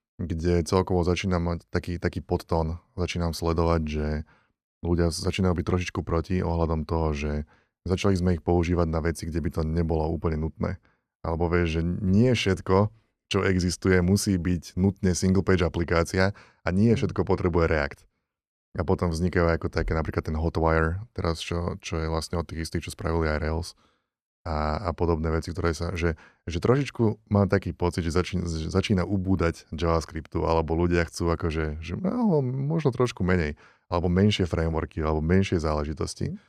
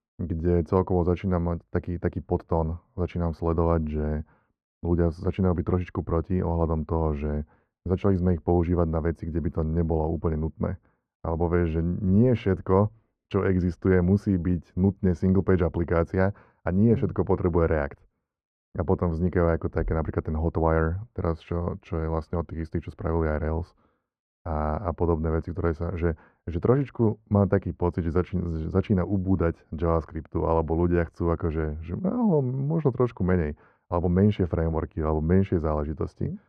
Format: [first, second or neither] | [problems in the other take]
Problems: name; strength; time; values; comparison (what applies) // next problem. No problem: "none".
first | muffled; very; fading above 3 kHz